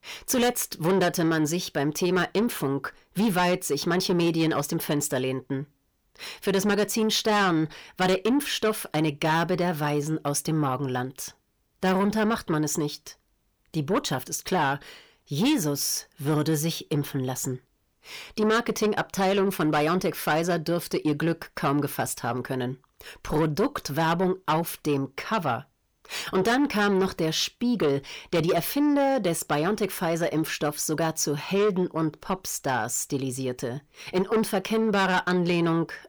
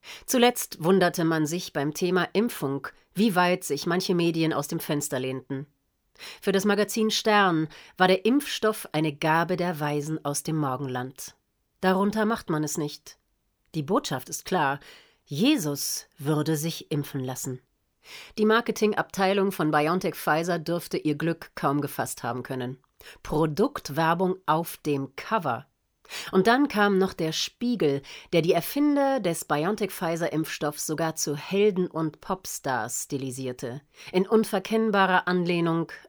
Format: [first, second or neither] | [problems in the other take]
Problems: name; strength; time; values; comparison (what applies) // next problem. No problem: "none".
second | distortion; slight; 10 dB below the speech